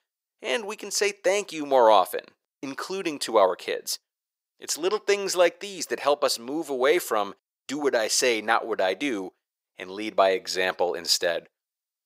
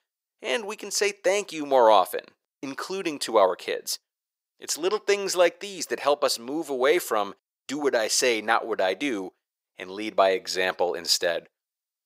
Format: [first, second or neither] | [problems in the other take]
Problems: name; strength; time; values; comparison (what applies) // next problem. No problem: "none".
neither | thin; very; fading below 500 Hz; the same in both